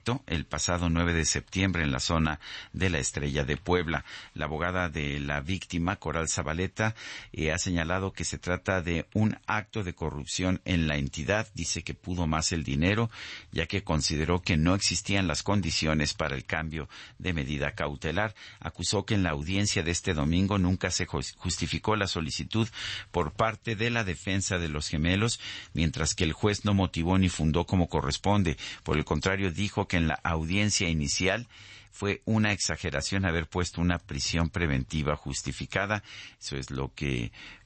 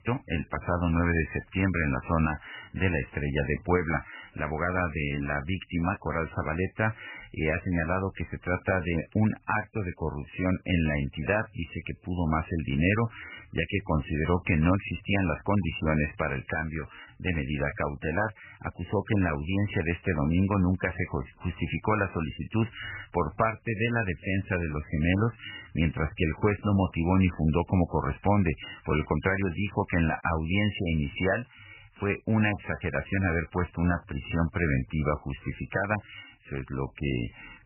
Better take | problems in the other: first | garbled, watery; badly; nothing above 3 kHz; slightly in the first

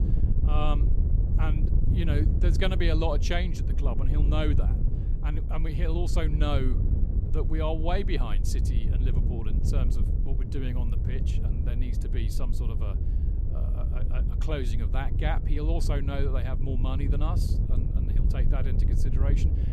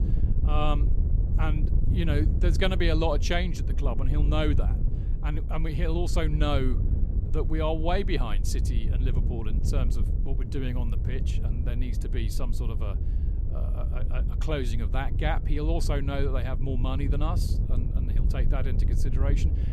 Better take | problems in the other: second | wind noise on the microphone; heavy; 7 dB below the speech; occasional gusts in the second

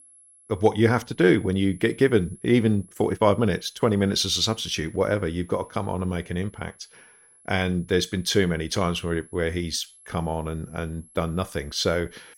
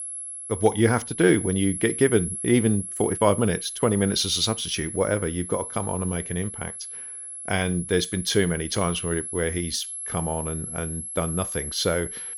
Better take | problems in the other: first | high-pitched whine; loud; throughout; 11 kHz, 7 dB below the speech; faint in the first

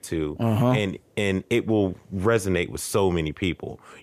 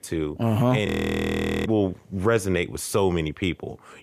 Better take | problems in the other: first | audio freezing; at 1 s for 1 s

